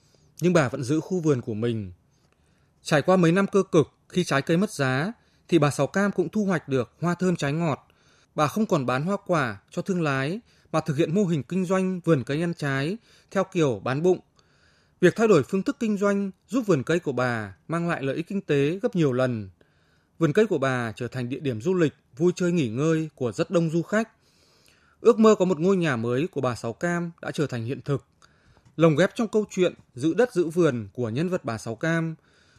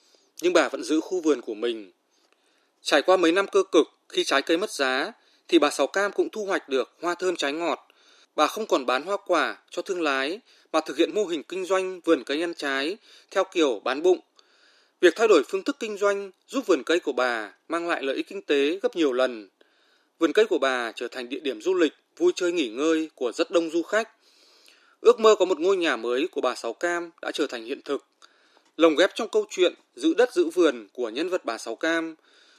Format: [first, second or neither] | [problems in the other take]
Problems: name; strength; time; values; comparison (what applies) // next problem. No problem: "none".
first | thin; somewhat; fading below 300 Hz